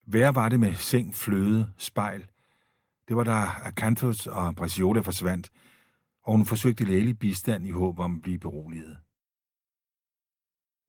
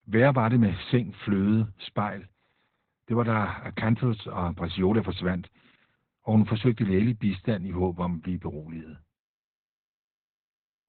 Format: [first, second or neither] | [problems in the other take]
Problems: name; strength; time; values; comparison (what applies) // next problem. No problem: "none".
first | garbled, watery; badly; nothing above 4 kHz; slightly in the first